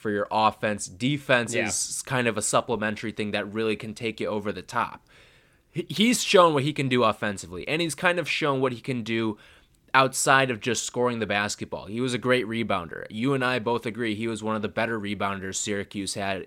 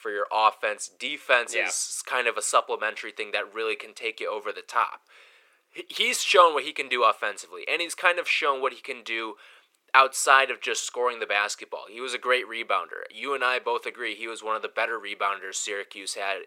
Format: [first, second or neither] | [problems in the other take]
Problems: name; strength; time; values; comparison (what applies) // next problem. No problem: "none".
first | thin; very; fading below 450 Hz